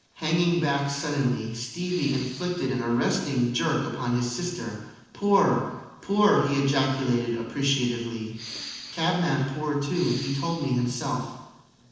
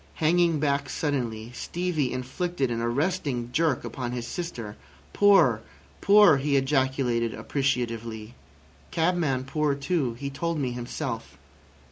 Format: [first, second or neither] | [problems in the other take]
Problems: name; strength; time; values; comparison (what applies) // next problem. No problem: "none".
second | noise reduction (neural separator model SepFormer DNS4)